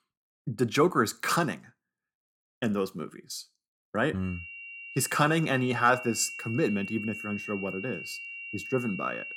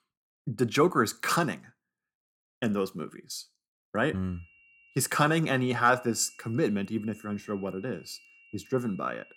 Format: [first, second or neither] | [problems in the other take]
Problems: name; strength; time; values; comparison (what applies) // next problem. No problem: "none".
second | high-pitched whine; loud; from 4 s on; 3 kHz, 9 dB below the speech; faint in the second